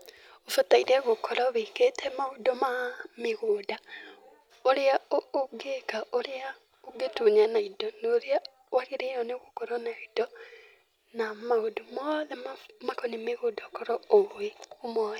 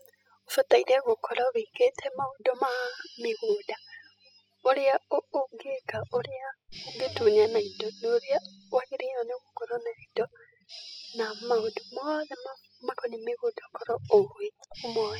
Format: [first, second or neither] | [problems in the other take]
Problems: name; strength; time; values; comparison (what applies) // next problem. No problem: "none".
first | noise reduction (classical method spectral subtraction)